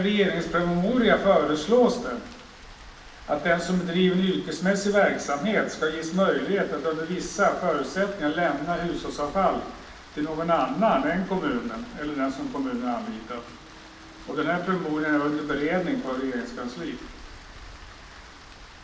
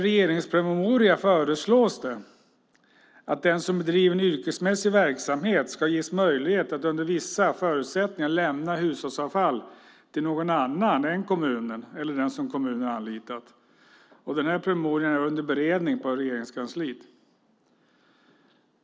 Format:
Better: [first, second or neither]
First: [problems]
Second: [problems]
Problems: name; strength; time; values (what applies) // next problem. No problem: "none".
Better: second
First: background sound (Rain); 19 dB below the speech // room echo; dies away in 0.8 s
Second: none